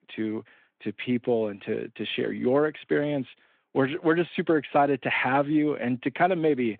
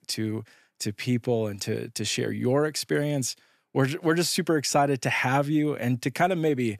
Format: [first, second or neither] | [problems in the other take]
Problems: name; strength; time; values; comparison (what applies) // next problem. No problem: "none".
second | phone-call audio